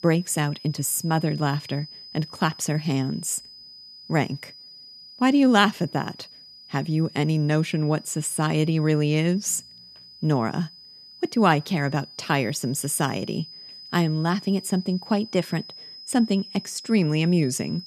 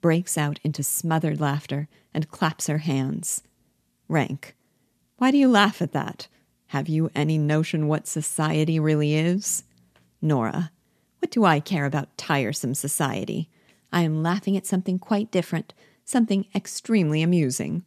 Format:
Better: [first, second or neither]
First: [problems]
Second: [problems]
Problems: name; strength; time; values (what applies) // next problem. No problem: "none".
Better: second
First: high-pitched whine; noticeable; throughout; 5 kHz, 15 dB below the speech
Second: none